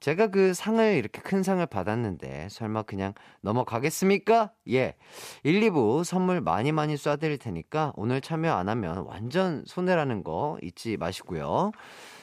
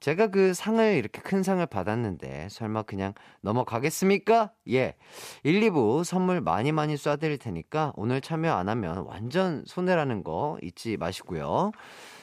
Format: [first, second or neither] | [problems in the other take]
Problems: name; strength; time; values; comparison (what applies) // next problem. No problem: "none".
neither | none